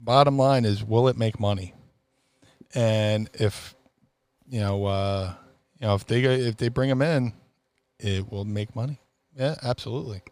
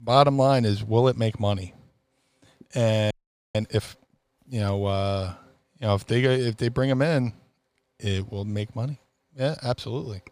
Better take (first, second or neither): first